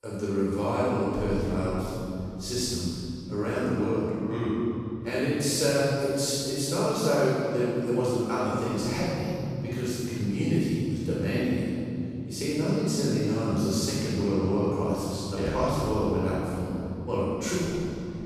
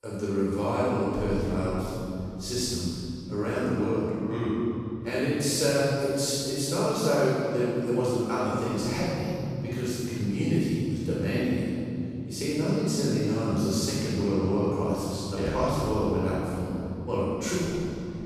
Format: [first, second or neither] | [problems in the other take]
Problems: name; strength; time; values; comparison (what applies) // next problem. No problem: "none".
neither | off-mic speech; far; the same in both // room echo; strong; dies away in 3 s; the same in both